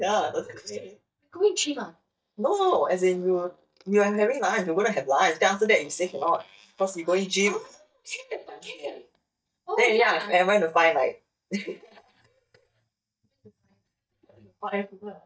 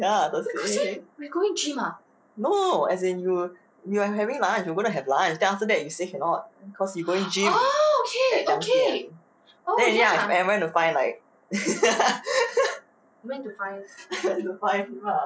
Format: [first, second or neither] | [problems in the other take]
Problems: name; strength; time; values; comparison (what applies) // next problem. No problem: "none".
second | noise reduction (neural mask model DeepFilterNet 3)